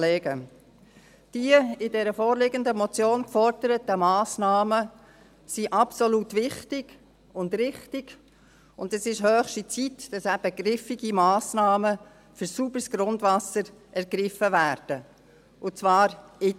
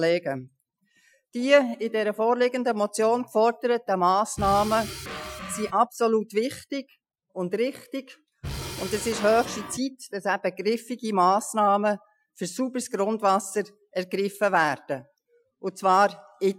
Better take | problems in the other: first | noise reduction (classical method Wiener filter)

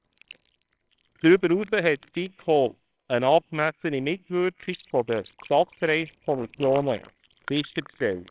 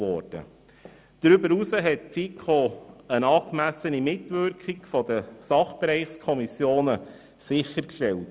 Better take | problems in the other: second | noise reduction (neural separator model SepFormer WHAMR!)

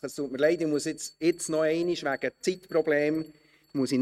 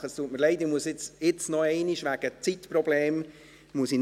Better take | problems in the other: second | noise reduction (neural mask model RNNoise)

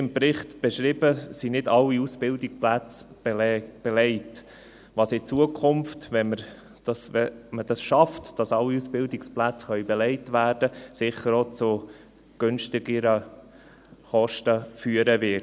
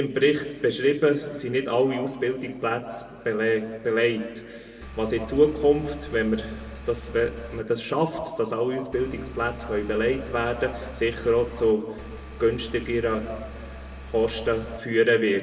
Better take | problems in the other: first | background sound (Engine); 14 dB below the speech // room echo; dies away in 1.5 s

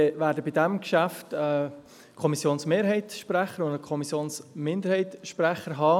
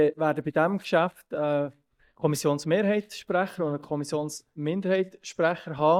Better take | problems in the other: first | noise reduction (neural mask model DeepFilterNet 3)

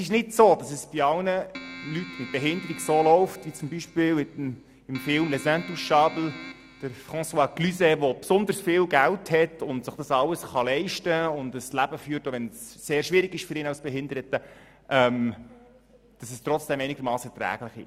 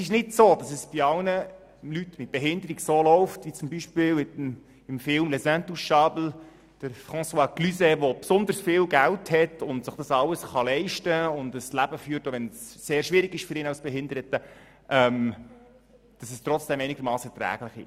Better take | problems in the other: second | background sound (Keyboard (musical)); 16 dB below the speech

